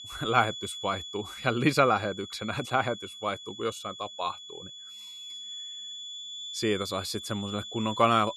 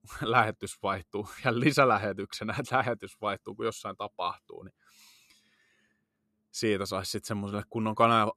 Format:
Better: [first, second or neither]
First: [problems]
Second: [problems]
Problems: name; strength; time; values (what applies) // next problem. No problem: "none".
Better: second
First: high-pitched whine; loud; throughout; 3.5 kHz, 10 dB below the speech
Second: none